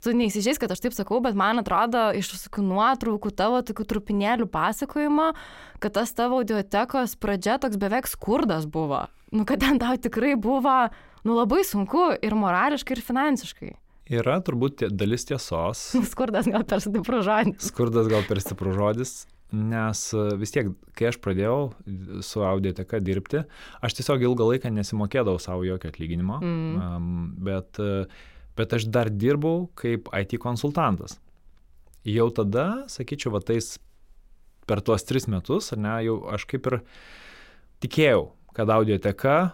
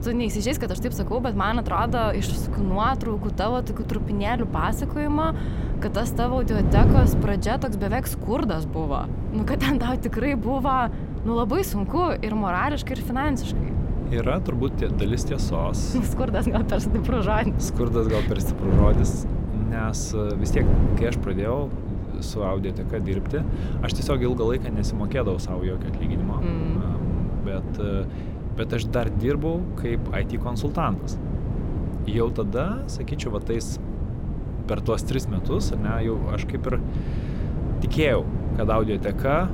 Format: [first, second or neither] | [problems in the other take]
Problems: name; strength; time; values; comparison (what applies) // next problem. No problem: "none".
first | wind noise on the microphone; heavy; 9 dB below the speech